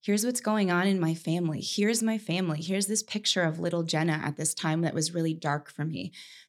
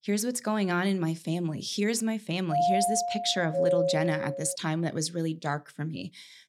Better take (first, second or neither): first